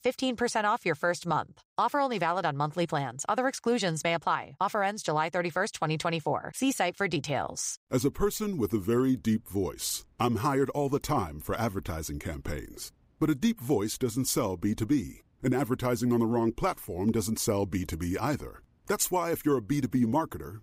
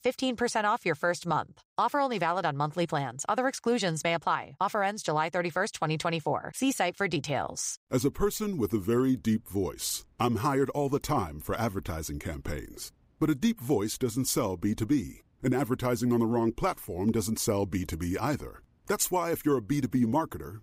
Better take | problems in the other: neither | none

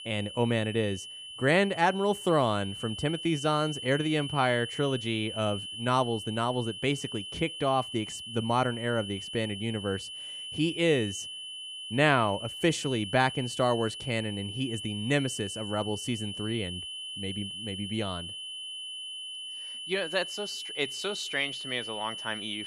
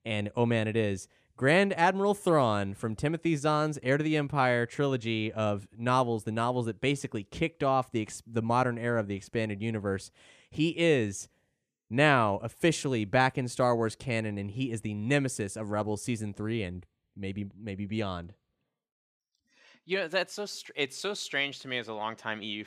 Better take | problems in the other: second | high-pitched whine; loud; throughout; 3 kHz, 7 dB below the speech

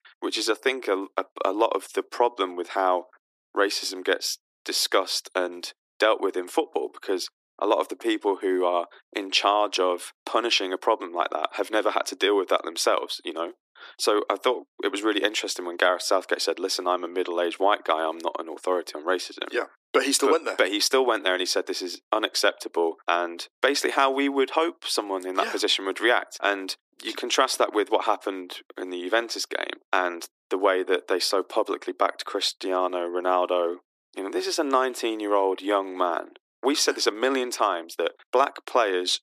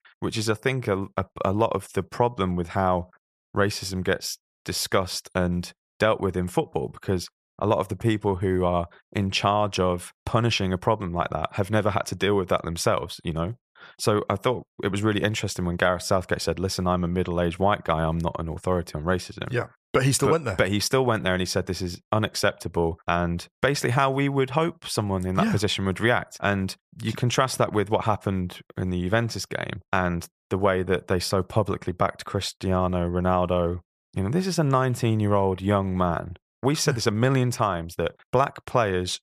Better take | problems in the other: second | thin; somewhat; fading below 300 Hz

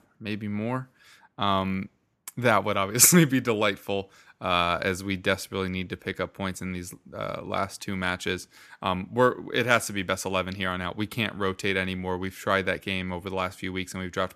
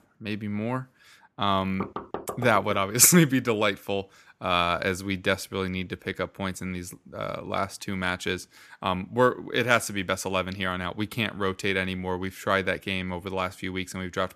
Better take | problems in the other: first | door banging; noticeable; at 2 s; peak 9 dB below the speech

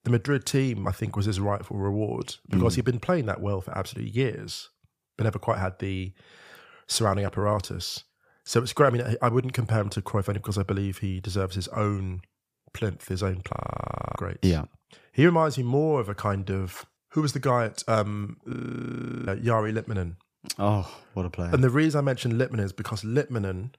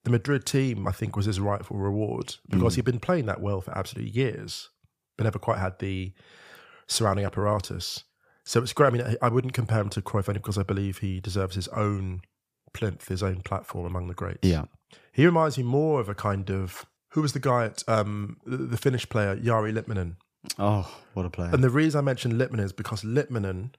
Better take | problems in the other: second | audio freezing; at 14 s for 0.5 s and at 19 s for 0.5 s

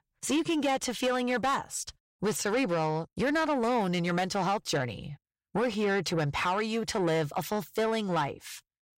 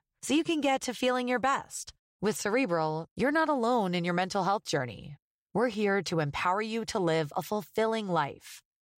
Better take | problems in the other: second | distortion; slight; 10 dB below the speech

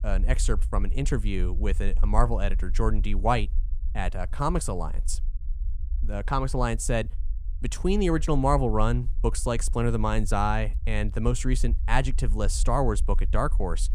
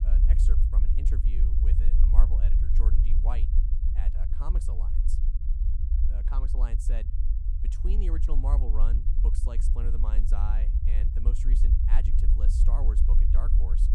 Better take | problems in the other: first | low rumble; loud; throughout; 2 dB below the speech; faint in the first

